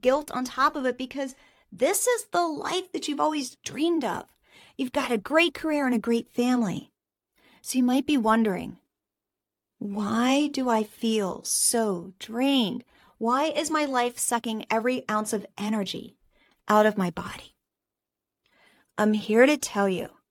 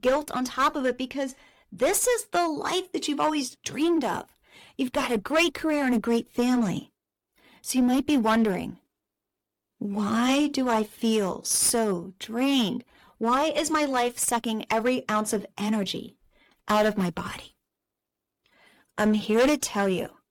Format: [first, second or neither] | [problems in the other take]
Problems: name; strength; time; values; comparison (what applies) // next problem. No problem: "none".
first | distortion; slight; 6% of the sound clipped